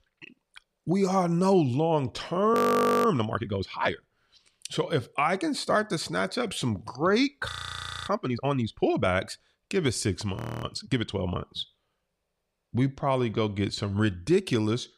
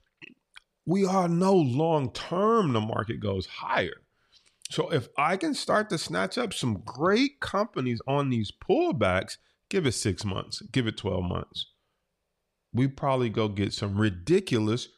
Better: second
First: audio freezing; at 2.5 s for 0.5 s, at 7.5 s for 0.5 s and at 10 s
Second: none

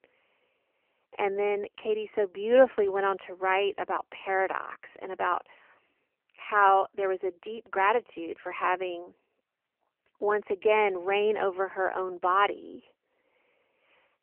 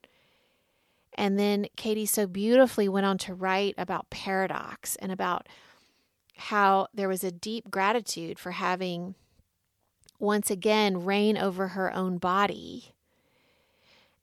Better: second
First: phone-call audio; poor line; nothing above 3 kHz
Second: none

